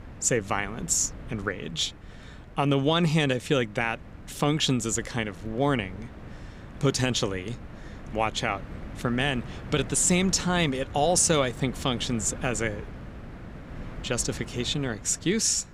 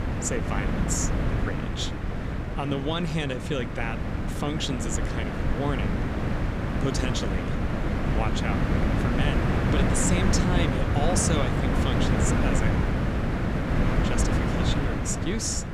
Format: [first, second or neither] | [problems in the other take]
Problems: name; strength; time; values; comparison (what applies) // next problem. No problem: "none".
first | wind noise on the microphone; heavy; 1 dB above the speech; occasional gusts in the first